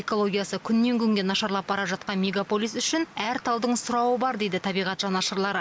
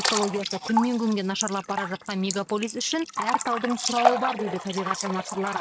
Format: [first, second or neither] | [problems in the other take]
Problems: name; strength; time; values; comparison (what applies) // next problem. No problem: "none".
first | noise reduction (neural mask model RNNoise)